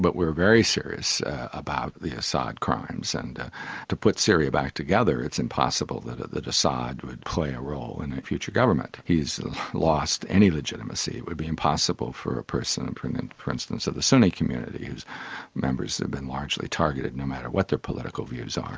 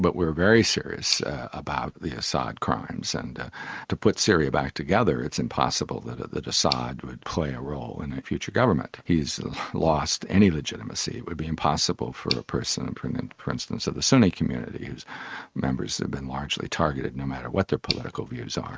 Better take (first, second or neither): first